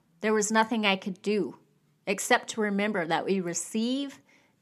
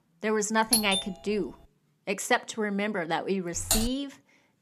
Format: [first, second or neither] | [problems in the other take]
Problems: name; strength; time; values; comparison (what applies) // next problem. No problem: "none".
first | doorbell; loud; at 0.5 s; peak 4 dB above the speech // keyboard typing; loud; at 3.5 s; peak 2 dB above the speech